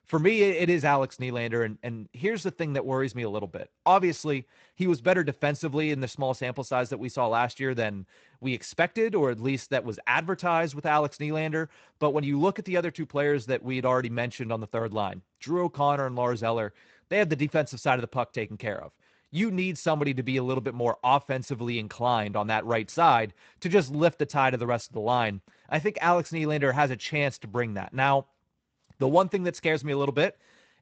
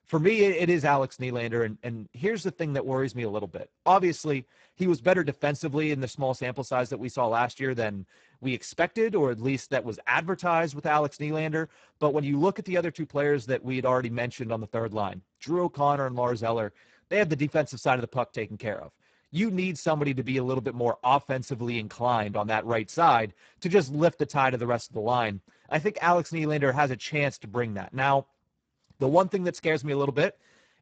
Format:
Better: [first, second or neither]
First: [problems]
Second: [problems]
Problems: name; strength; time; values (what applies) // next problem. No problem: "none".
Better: first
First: garbled, watery; slightly; nothing above 8 kHz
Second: garbled, watery; badly; nothing above 8 kHz